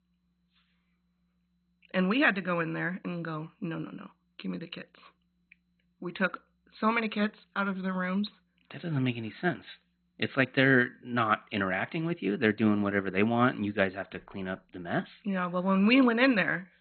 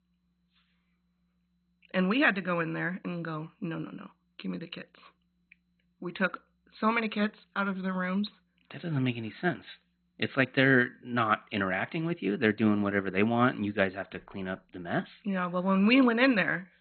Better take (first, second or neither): neither